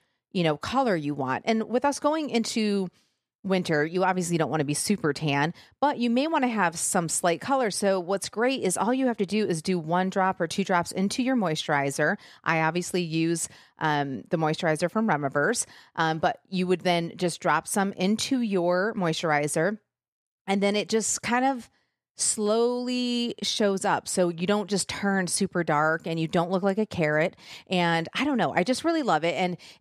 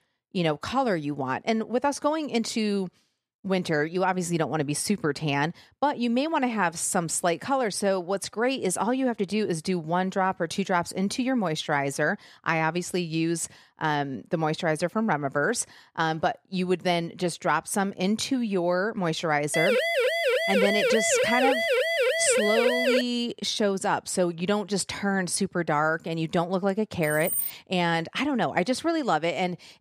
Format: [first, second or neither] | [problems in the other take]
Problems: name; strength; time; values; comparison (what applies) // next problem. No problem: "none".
first | siren; loud; from 20 to 23 s; peak 4 dB above the speech // jangling keys; loud; at 27 s; peak level with the speech